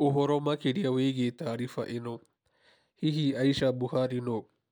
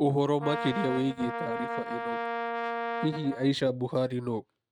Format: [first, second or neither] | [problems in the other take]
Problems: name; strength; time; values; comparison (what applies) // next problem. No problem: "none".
first | noise reduction (neural mask model RNNoise)